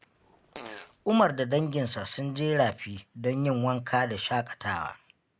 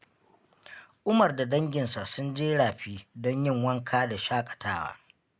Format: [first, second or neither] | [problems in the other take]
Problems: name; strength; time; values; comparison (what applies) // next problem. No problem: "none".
second | background sound (Fart); 20 dB below the speech